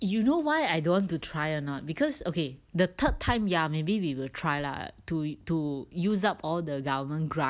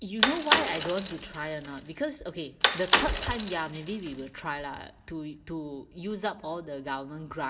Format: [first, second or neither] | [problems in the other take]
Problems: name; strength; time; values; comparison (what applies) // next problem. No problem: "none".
first | background sound (Bicycle); 4 dB above the speech // room echo; dies away in 1.3 s